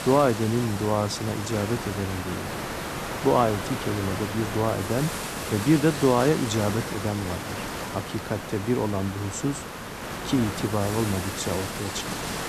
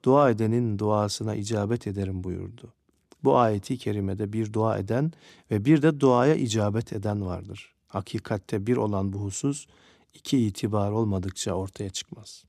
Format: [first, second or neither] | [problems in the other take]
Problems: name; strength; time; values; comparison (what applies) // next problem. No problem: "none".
second | hiss; loud; throughout; 6 dB below the speech